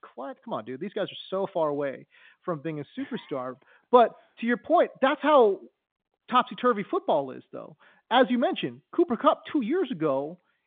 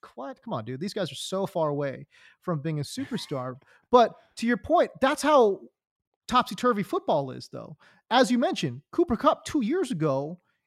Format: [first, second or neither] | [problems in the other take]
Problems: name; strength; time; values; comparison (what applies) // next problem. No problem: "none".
second | phone-call audio; nothing above 3.5 kHz